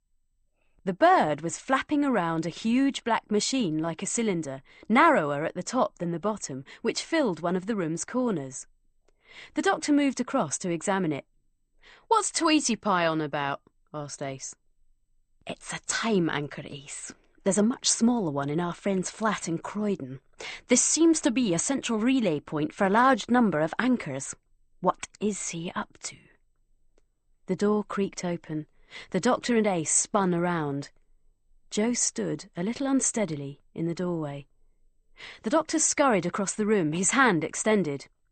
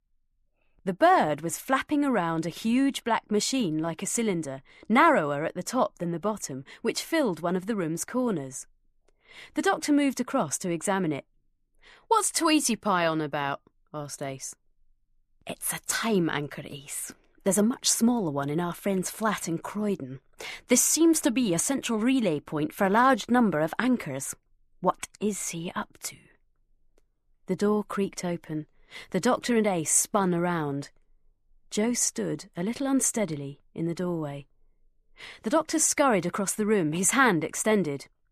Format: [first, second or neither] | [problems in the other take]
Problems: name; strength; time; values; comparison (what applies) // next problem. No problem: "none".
second | garbled, watery; slightly; nothing above 8.5 kHz